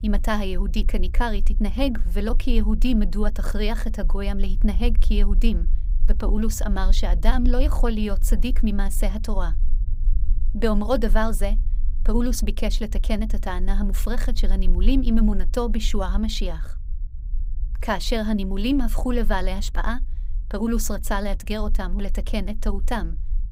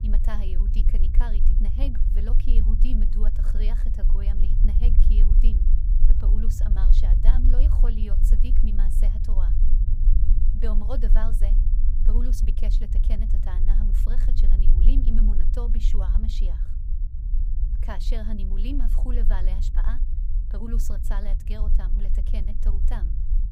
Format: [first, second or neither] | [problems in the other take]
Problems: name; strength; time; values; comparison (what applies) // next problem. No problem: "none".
first | low rumble; loud; throughout; 5 dB below the speech; faint in the first